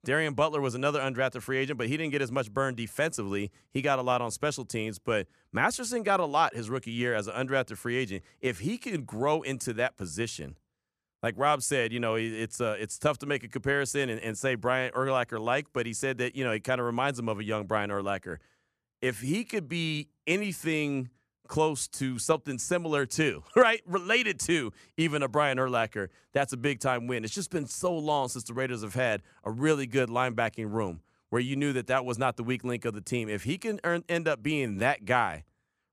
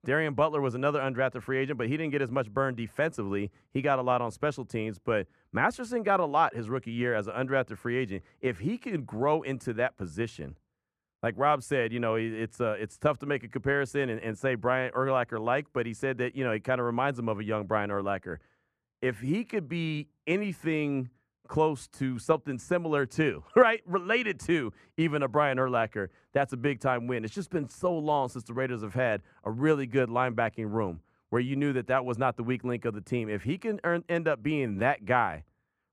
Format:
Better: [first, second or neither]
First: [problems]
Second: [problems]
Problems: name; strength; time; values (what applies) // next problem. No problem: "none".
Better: first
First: none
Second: muffled; slightly; fading above 3 kHz